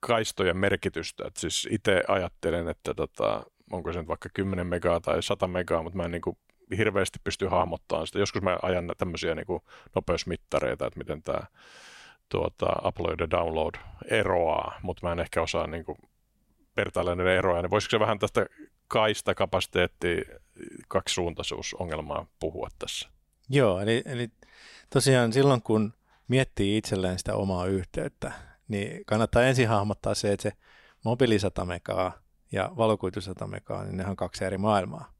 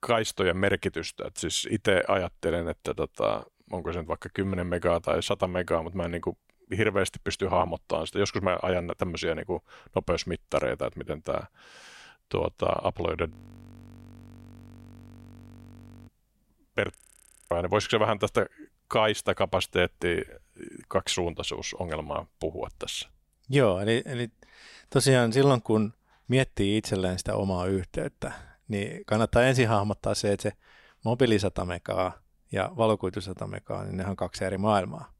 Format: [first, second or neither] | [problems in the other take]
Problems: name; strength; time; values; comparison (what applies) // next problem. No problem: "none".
first | audio freezing; at 13 s for 3 s and at 17 s for 0.5 s